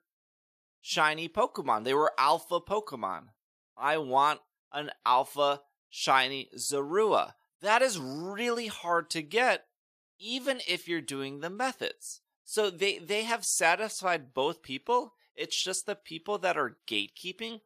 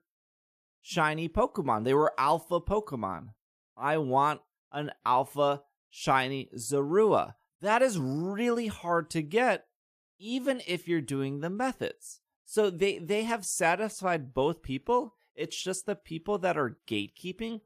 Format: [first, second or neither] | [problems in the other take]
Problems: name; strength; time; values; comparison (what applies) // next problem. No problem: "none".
second | thin; somewhat; fading below 700 Hz